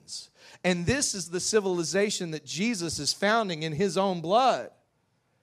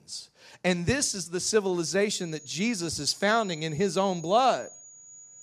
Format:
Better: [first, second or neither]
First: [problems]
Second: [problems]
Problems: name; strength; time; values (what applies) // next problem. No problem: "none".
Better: first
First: none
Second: high-pitched whine; noticeable; from 2 s on; 6.5 kHz, 20 dB below the speech